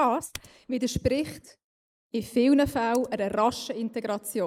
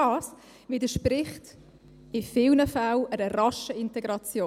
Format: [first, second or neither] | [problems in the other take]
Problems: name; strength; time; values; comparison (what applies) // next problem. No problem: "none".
second | noise reduction (neural mask model Resemble Enhance denoiser)